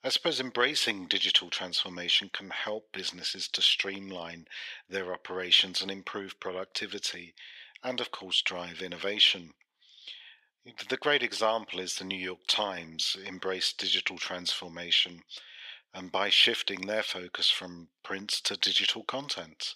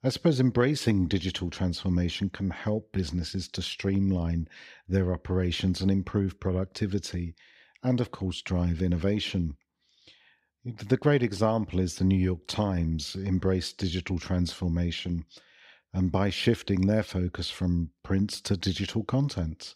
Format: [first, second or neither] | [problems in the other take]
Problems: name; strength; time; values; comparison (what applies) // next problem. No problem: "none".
second | thin; very; fading below 650 Hz